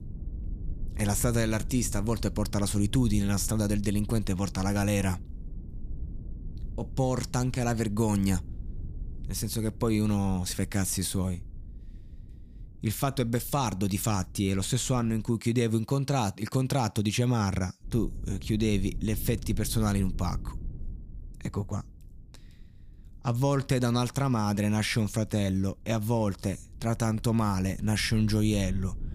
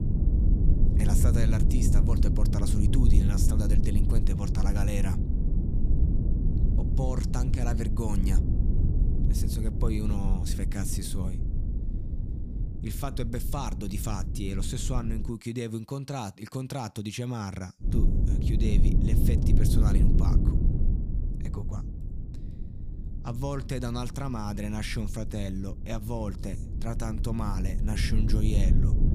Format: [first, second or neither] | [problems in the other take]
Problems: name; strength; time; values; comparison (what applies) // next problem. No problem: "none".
first | low rumble; loud; until 15 s and from 18 s on; 3 dB below the speech; faint in the first